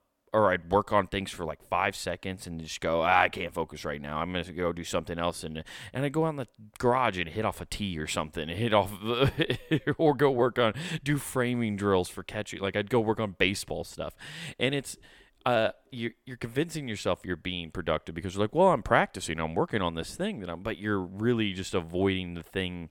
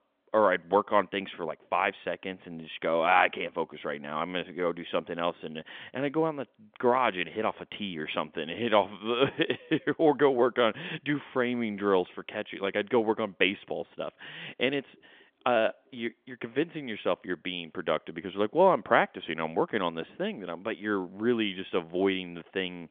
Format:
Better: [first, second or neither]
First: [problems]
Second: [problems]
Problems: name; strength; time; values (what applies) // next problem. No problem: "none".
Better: first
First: none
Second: phone-call audio; nothing above 3.5 kHz